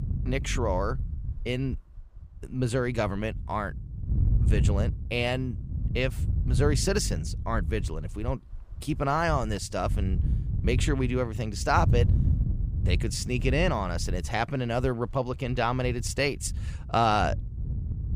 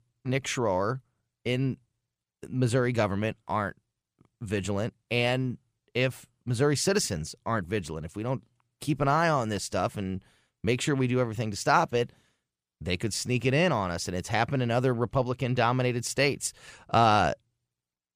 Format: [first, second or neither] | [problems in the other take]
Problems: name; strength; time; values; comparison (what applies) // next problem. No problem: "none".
second | wind noise on the microphone; occasional gusts; 15 dB below the speech